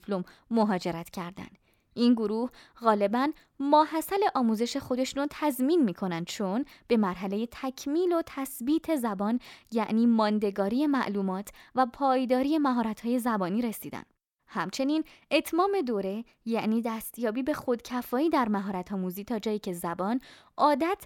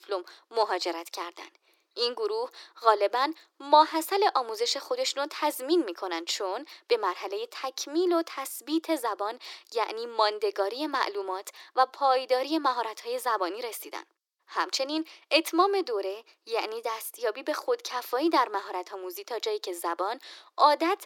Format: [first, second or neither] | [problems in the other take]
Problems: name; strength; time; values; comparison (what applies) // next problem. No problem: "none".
first | thin; very; fading below 350 Hz